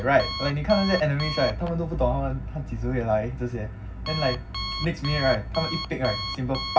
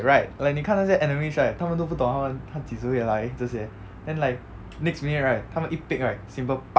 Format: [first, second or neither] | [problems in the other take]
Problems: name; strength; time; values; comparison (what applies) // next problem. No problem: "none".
second | background sound (Alarm); 10 dB below the speech // room echo; dies away in 0.4 s